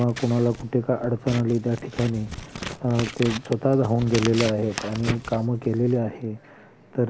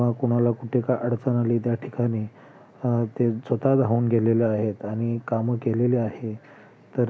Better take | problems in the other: second | background sound (Scissors); 12 dB below the speech

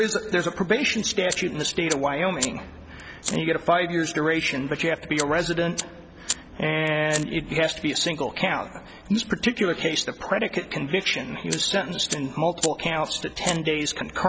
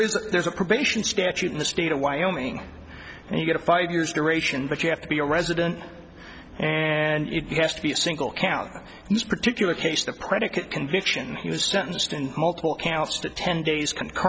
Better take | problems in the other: second | background sound (Fire); 11 dB below the speech

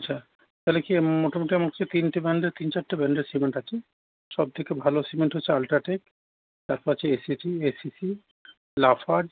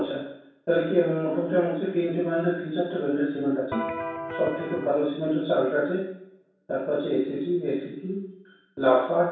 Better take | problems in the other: first | background sound (Electric guitar); 6 dB below the speech // room echo; dies away in 0.7 s

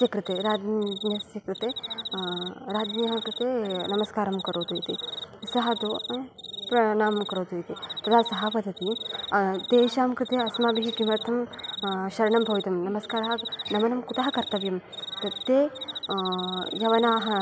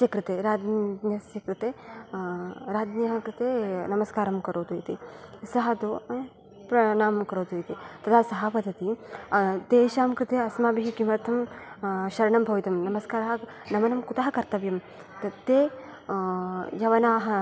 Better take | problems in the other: second | background sound (Cricket); 10 dB below the speech

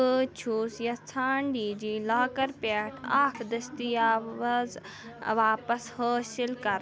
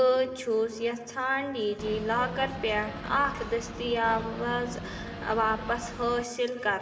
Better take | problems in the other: first | background sound (Boat, Water vehicle); 10 dB below the speech // room echo; dies away in 2.7 s

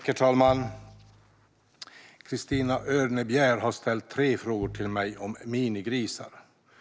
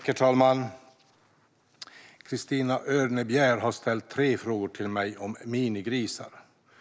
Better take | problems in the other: second | background sound (Piano); 17 dB below the speech

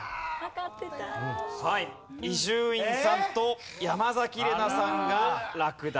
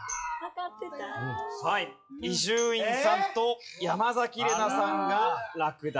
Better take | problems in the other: first | noise reduction (classical method log-MMSE)

